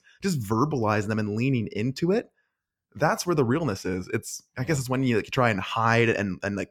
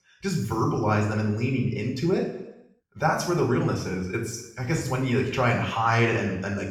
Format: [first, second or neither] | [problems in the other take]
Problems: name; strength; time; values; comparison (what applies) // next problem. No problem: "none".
first | room echo; noticeable; dies away in 0.8 s // off-mic speech; far